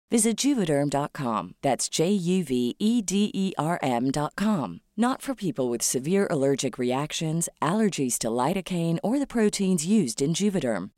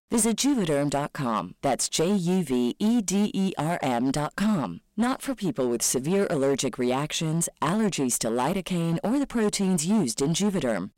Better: first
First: none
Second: distortion; slight; 11% of the sound clipped

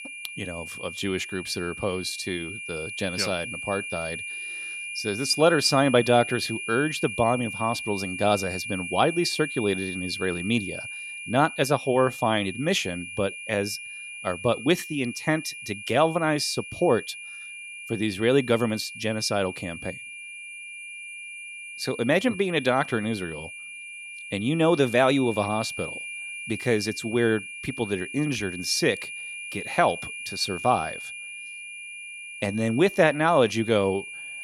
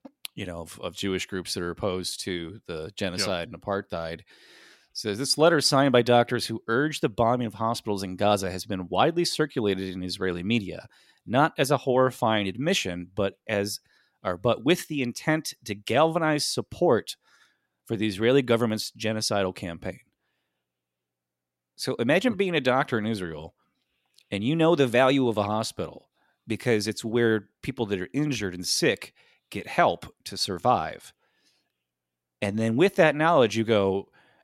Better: second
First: high-pitched whine; loud; throughout; 2.5 kHz, 9 dB below the speech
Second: none

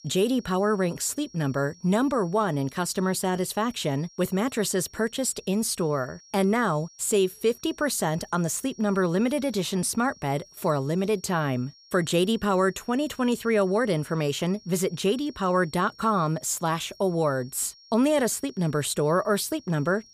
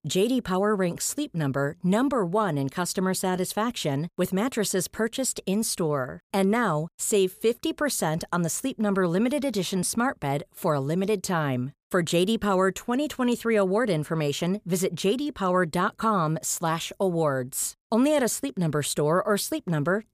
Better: second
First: high-pitched whine; faint; throughout; 5.5 kHz, 25 dB below the speech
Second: none

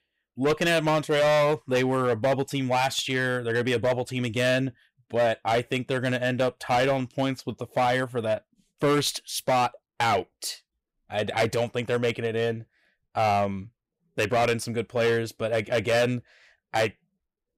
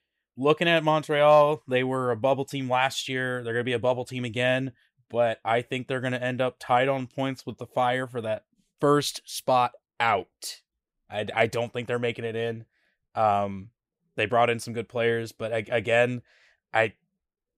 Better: second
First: distortion; heavy; 9% of the sound clipped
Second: none

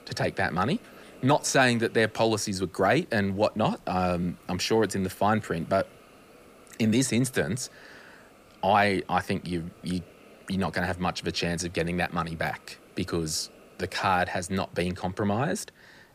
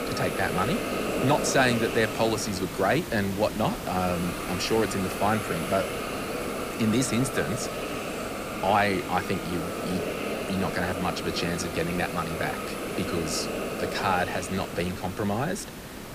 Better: first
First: hiss; faint; throughout; 25 dB below the speech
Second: hiss; loud; throughout; 4 dB below the speech

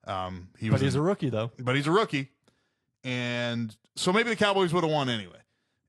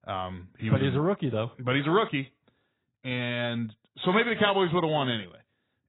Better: first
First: garbled, watery; slightly; nothing above 11.5 kHz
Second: garbled, watery; badly; nothing above 4 kHz

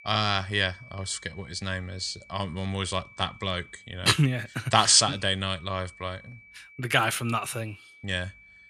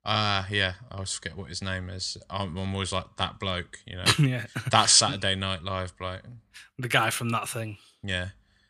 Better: second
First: high-pitched whine; faint; throughout; 2.5 kHz, 25 dB below the speech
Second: none

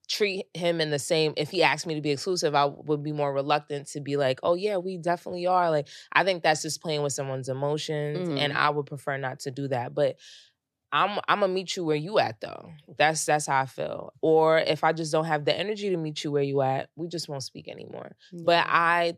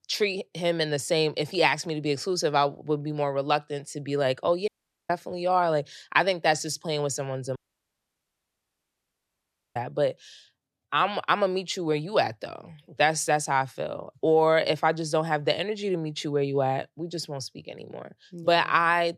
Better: first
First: none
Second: audio cutting out; at 4.5 s and at 7.5 s for 2 s

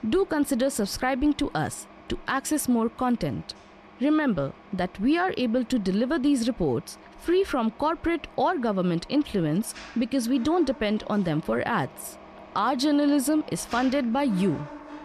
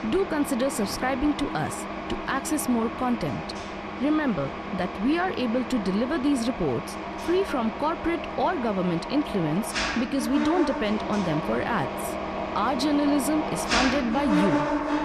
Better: first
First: machinery noise; faint; throughout; 20 dB below the speech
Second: machinery noise; loud; throughout; 4 dB below the speech

